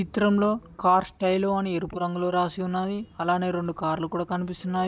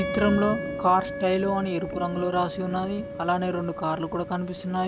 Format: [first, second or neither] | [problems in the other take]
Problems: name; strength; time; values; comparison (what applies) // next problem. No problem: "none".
first | background sound (Wind instrument, woodwind instrument + Thunder / Rain); 7 dB below the speech